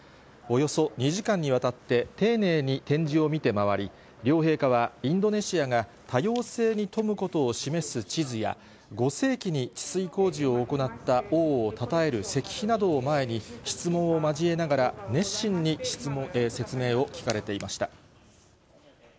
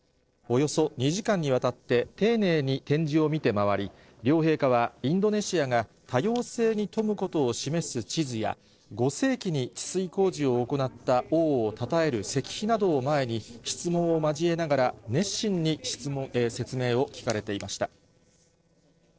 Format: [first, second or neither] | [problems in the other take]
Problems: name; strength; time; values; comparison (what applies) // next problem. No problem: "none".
first | noise reduction (neural separator model SepFormer DNS4)